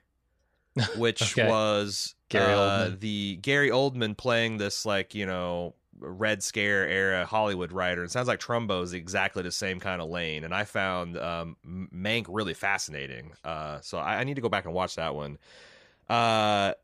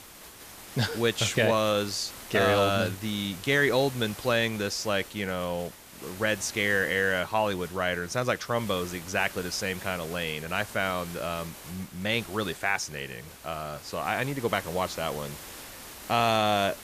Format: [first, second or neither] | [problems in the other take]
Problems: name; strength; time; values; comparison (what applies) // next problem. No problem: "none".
first | hiss; noticeable; throughout; 15 dB below the speech